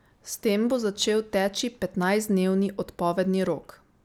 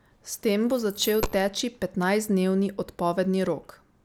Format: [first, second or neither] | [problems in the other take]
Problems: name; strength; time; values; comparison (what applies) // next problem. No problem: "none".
first | background sound (Coin (dropping)); 11 dB below the speech